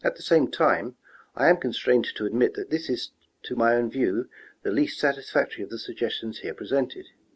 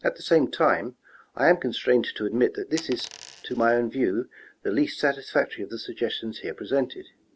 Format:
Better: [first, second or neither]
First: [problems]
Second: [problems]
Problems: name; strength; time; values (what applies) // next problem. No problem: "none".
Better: first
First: none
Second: background sound (Coin (dropping)); 17 dB below the speech